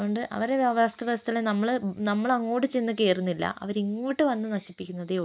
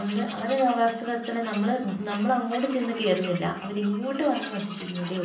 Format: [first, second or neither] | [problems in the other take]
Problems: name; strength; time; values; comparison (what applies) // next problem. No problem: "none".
first | background sound (Tools); 15 dB below the speech // room echo; dies away in 0.6 s